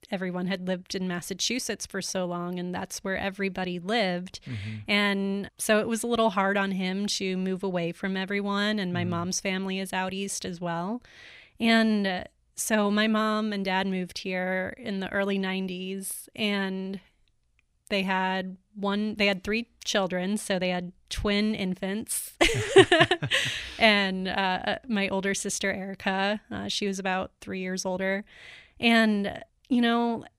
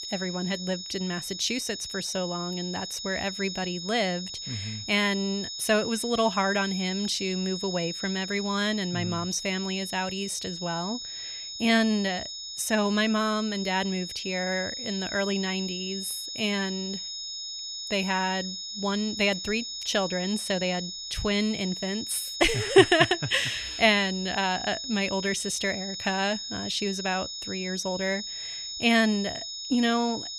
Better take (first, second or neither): first